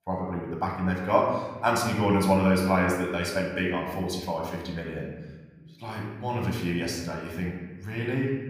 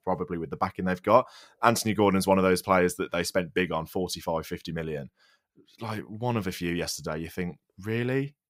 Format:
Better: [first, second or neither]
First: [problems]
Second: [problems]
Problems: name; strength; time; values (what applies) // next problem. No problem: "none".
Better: second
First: off-mic speech; somewhat distant // room echo; noticeable; dies away in 1.3 s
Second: none